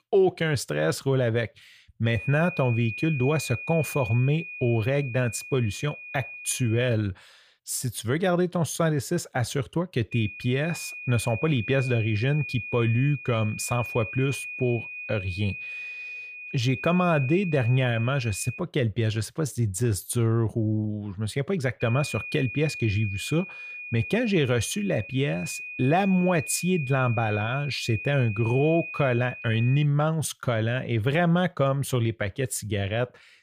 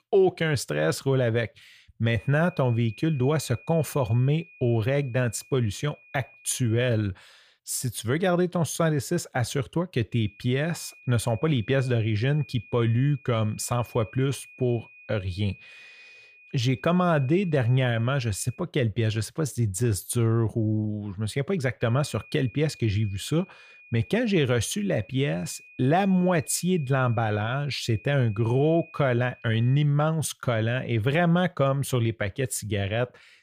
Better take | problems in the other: second | high-pitched whine; loud; from 2 to 7 s, from 10 to 19 s and from 22 to 30 s; 2.5 kHz, 9 dB below the speech; faint in the second

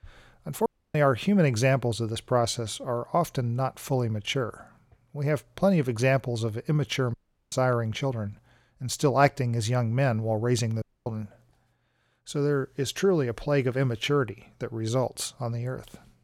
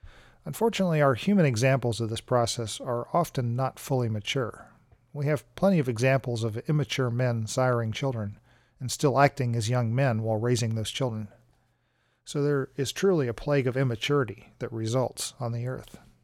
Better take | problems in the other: second | audio cutting out; at 0.5 s, at 7 s and at 11 s

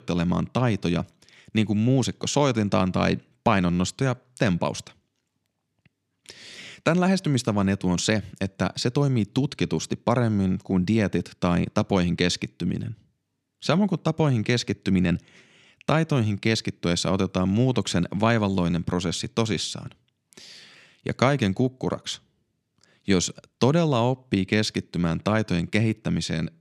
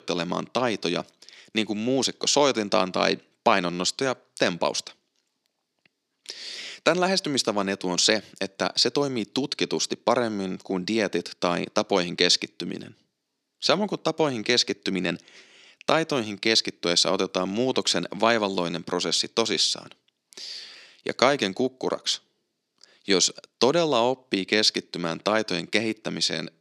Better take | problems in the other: first | thin; somewhat; fading below 350 Hz

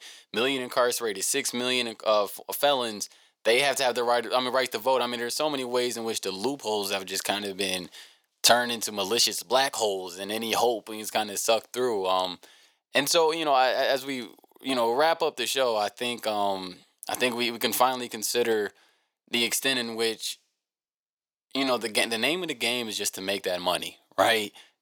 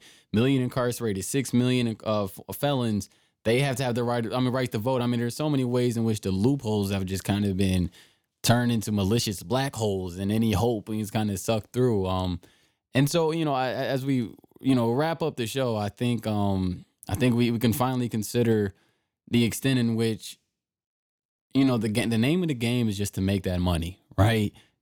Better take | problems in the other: second | thin; very; fading below 650 Hz

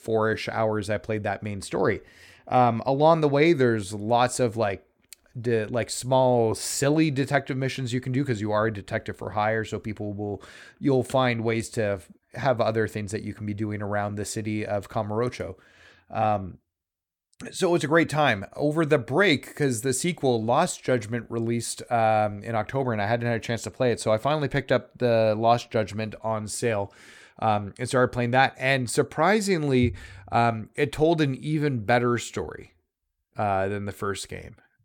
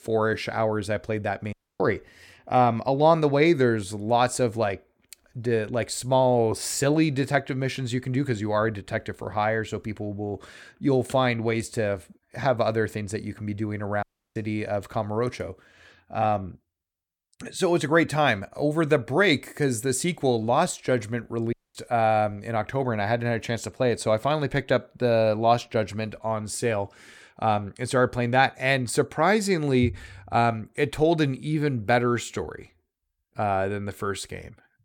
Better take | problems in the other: first | audio cutting out; at 1.5 s, at 14 s and at 22 s

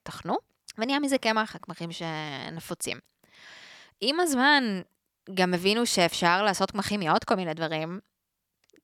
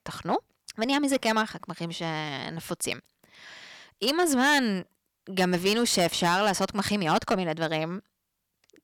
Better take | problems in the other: first | distortion; slight; 4% of the sound clipped

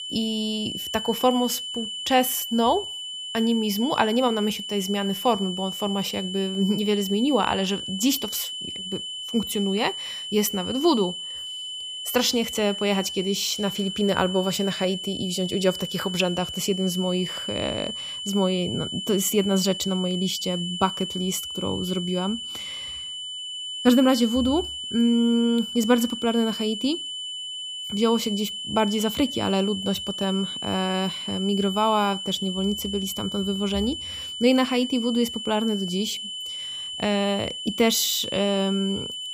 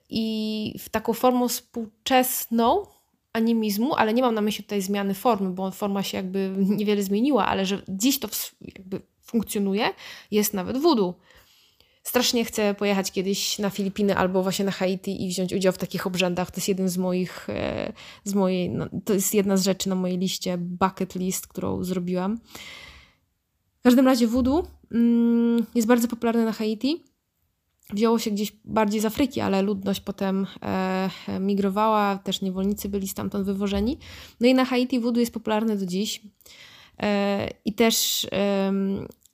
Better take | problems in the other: second | high-pitched whine; loud; throughout; 3 kHz, 6 dB below the speech

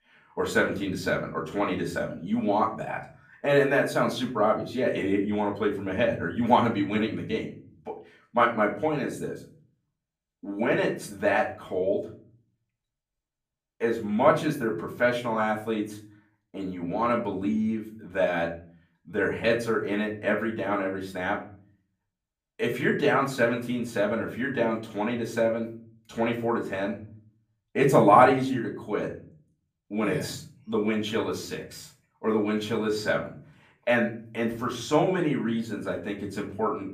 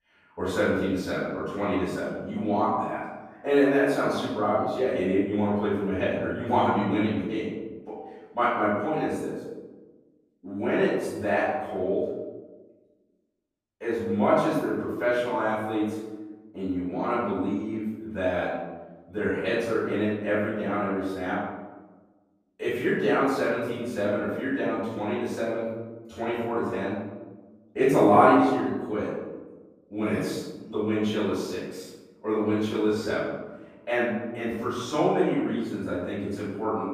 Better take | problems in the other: first | room echo; strong; dies away in 1.1 s; slight in the first // off-mic speech; far; far in the first

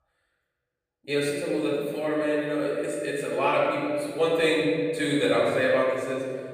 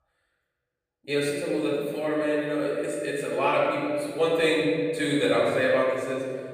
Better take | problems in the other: neither | room echo; strong; dies away in 1.8 s; the same in both // off-mic speech; far; the same in both

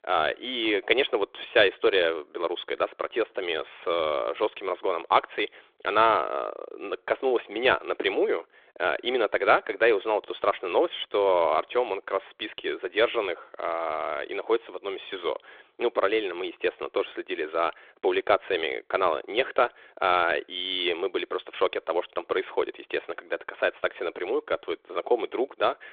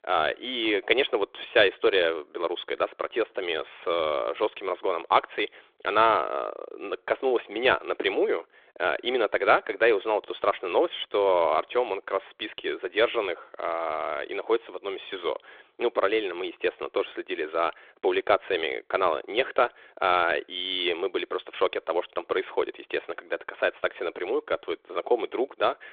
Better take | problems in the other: neither | phone-call audio; nothing above 3.5 kHz; the same in both

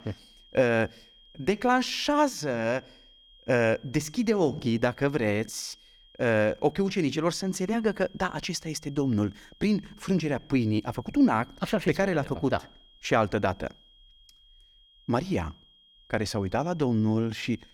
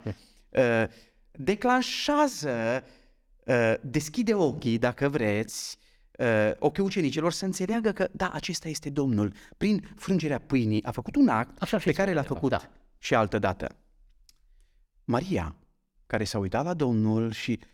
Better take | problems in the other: second | high-pitched whine; faint; throughout; 3 kHz, 30 dB below the speech

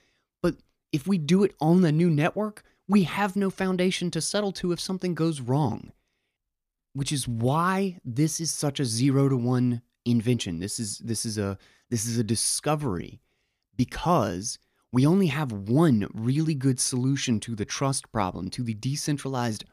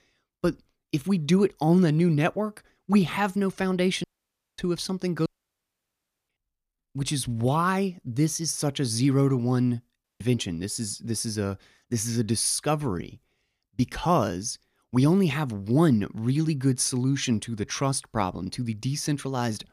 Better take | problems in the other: first | audio cutting out; at 4 s for 0.5 s, at 5.5 s for 1 s and at 10 s

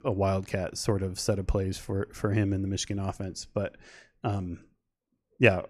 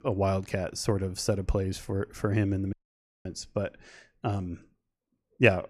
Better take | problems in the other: first | audio cutting out; at 2.5 s for 0.5 s

